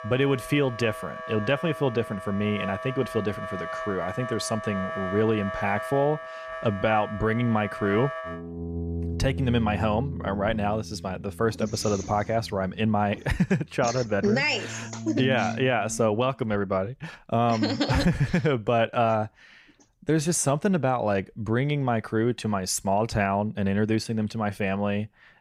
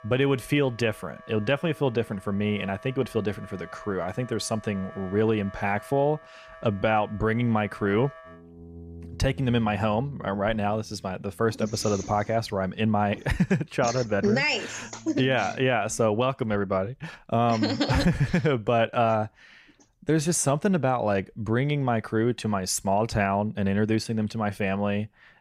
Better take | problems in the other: second | background music; loud; until 16 s; 9 dB below the speech; faint in the second

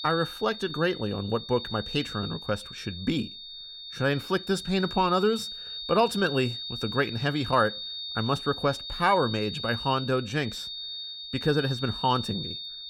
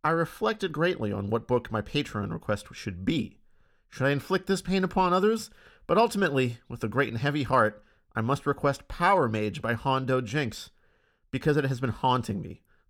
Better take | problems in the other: second | high-pitched whine; loud; throughout; 3.5 kHz, 8 dB below the speech

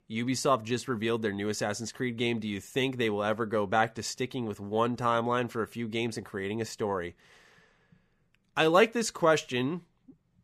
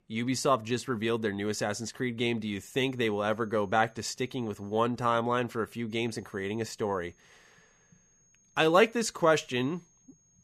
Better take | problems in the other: first | high-pitched whine; faint; from 2.5 to 5 s and from 6 s on; 6.5 kHz, 35 dB below the speech

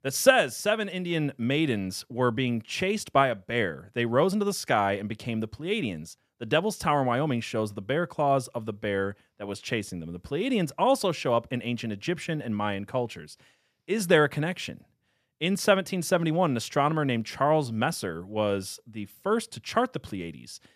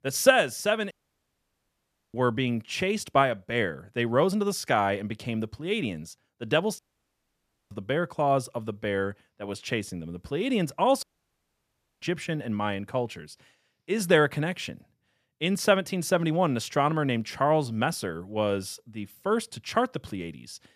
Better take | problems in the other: first | audio cutting out; at 1 s for 1 s, at 7 s for 1 s and at 11 s for 1 s

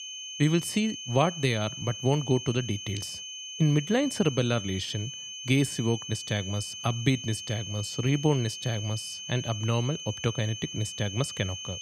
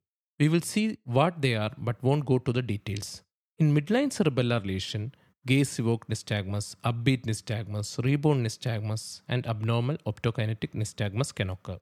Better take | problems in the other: second | high-pitched whine; loud; throughout; 3 kHz, 8 dB below the speech

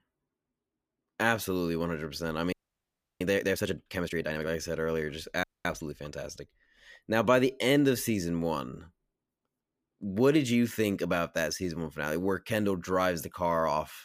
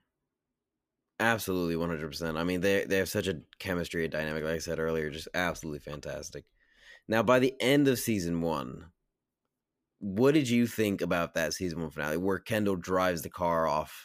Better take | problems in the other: second | audio freezing; at 2.5 s for 0.5 s and at 5.5 s

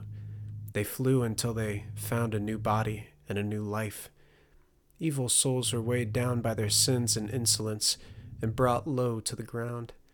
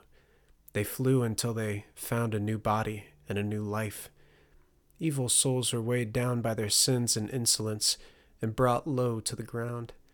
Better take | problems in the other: second | low rumble; faint; until 3 s and from 5.5 to 9 s; 25 dB below the speech

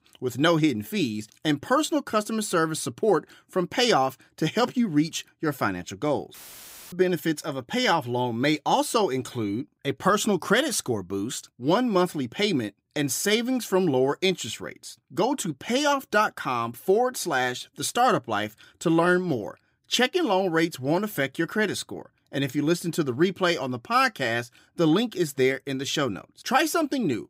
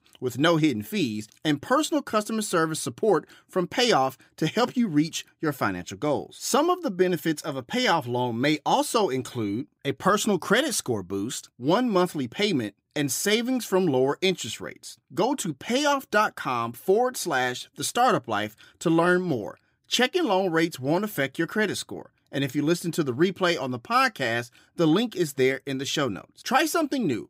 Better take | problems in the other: second | audio cutting out; filled with static; at 6.5 s for 0.5 s

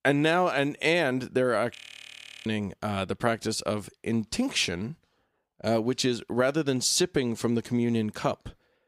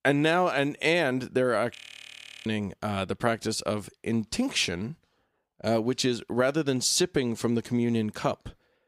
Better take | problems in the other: neither | audio freezing; at 2 s for 0.5 s; the same in both

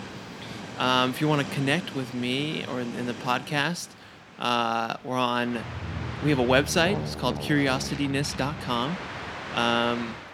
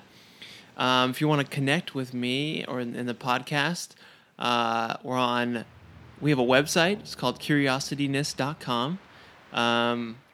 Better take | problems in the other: second | train or aircraft noise; loud; throughout; 9 dB below the speech; faint in the second

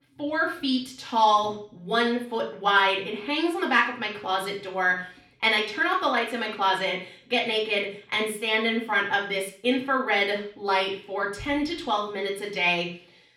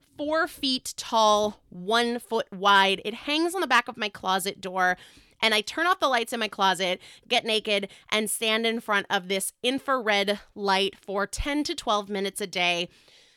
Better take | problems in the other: second | room echo; slight; dies away in 0.5 s // off-mic speech; far

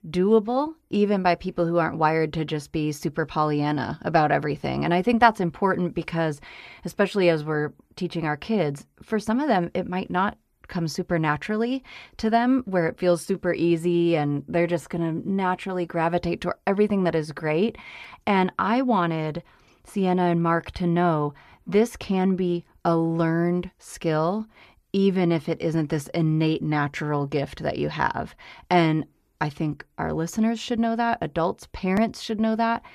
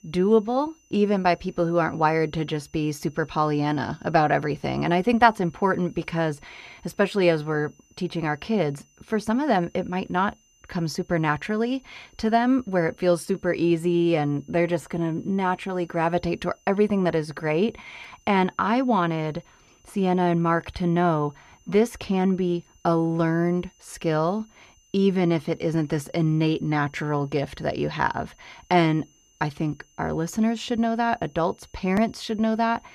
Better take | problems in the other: first | high-pitched whine; faint; throughout; 6 kHz, 35 dB below the speech

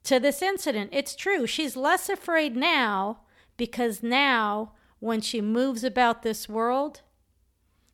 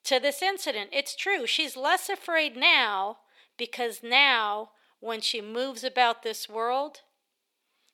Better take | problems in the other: first | thin; somewhat; fading below 350 Hz

